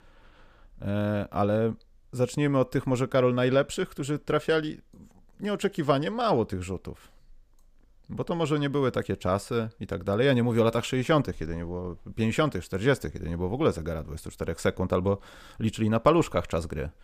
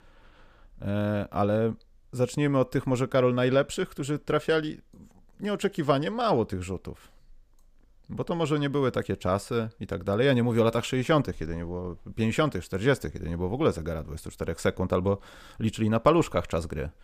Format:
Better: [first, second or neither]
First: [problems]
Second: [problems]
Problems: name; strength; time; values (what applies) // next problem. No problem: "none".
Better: neither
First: none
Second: none